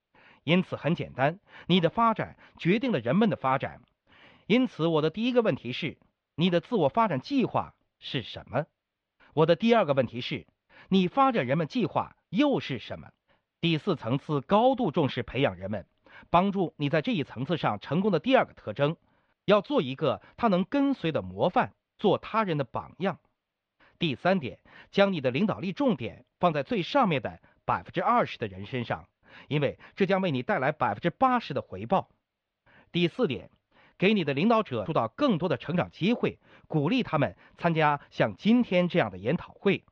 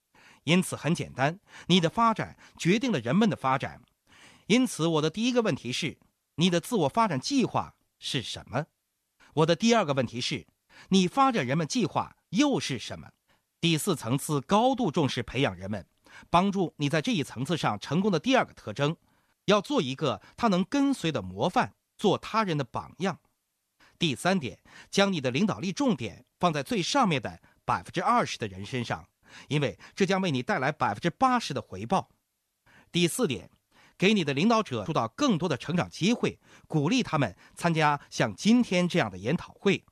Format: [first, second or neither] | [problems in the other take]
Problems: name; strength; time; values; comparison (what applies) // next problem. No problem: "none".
second | muffled; slightly; fading above 3.5 kHz